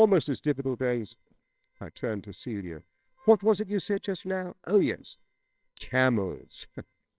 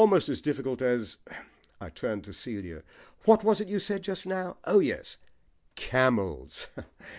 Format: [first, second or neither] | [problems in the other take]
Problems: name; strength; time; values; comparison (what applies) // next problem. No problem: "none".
second | noise reduction (neural separator model SepFormer WHAMR!)